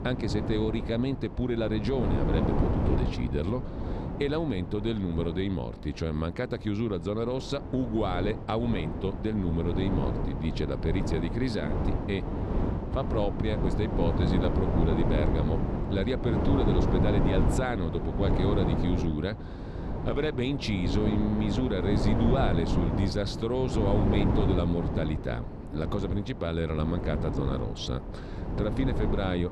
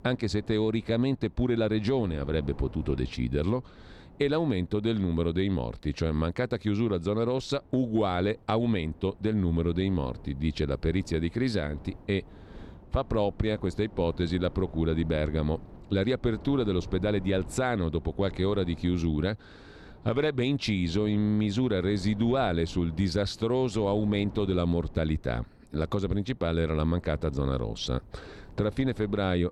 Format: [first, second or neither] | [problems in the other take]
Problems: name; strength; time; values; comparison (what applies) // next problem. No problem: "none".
second | wind noise on the microphone; heavy; 3 dB below the speech; occasional gusts in the second